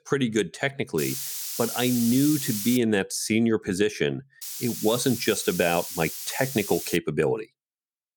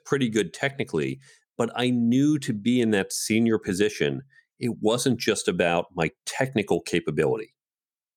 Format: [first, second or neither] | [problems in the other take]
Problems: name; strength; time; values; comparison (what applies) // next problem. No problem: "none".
second | hiss; loud; from 1 to 3 s and from 4.5 to 7 s; 6 dB below the speech